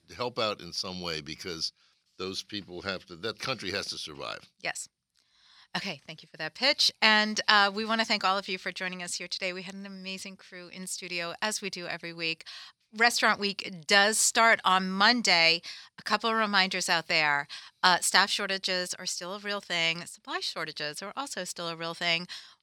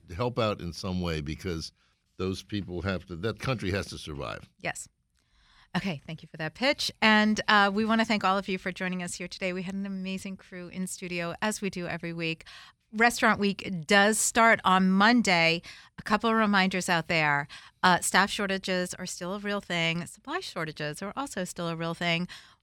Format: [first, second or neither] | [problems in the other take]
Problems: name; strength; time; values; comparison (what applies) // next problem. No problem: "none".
second | thin; very slightly; fading below 500 Hz